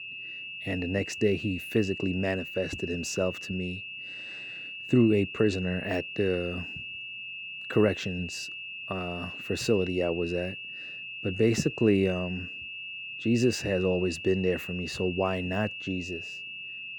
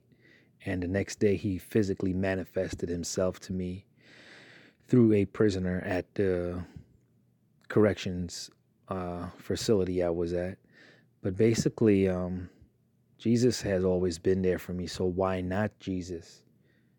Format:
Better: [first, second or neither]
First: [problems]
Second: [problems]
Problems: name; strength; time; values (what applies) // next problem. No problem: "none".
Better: second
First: high-pitched whine; loud; throughout; 2.5 kHz, 8 dB below the speech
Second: none